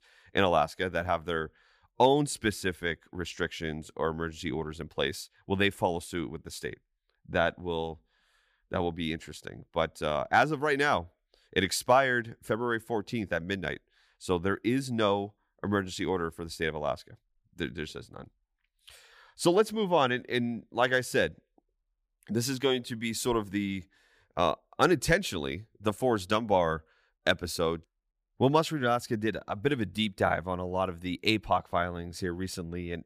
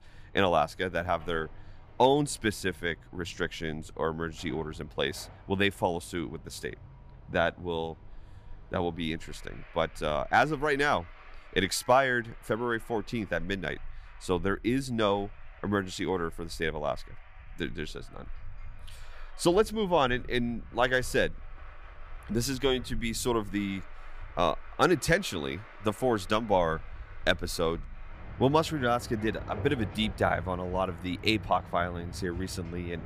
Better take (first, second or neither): first